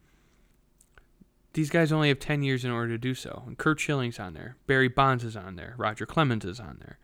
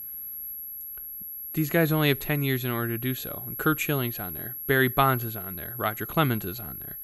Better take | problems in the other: first | high-pitched whine; loud; throughout; 11.5 kHz, 8 dB below the speech

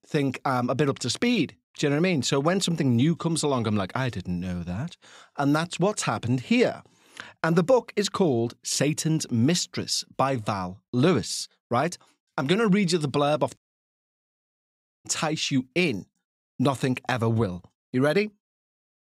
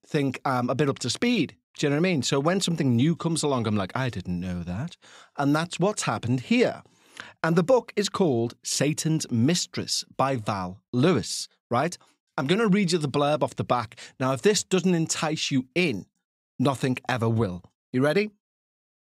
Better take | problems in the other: second | audio cutting out; at 14 s for 1.5 s

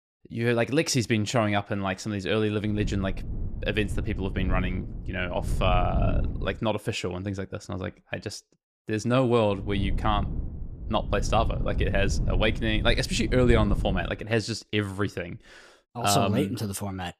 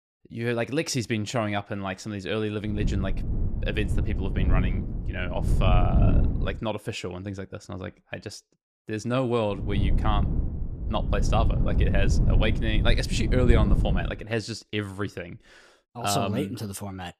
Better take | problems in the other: first | wind noise on the microphone; heavy; from 3 to 6.5 s and from 9.5 to 14 s; 8 dB below the speech; occasional gusts in the first

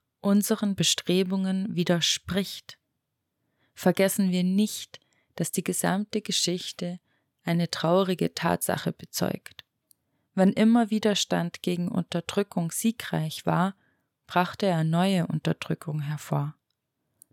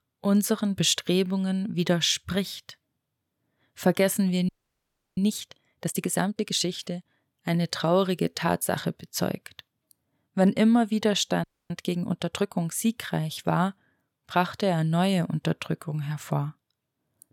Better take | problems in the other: first | audio freezing; at 4.5 s for 0.5 s and at 11 s

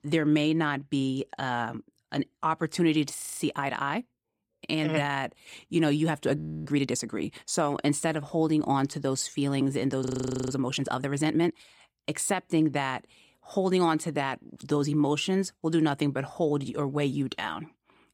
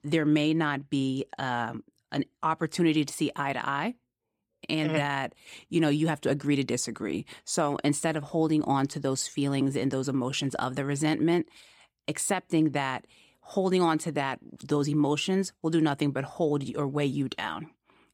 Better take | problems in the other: second | audio freezing; at 3 s, at 6.5 s and at 10 s

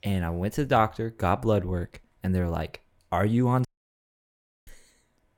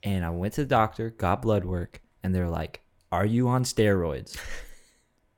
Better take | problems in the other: second | audio cutting out; at 3.5 s for 1 s

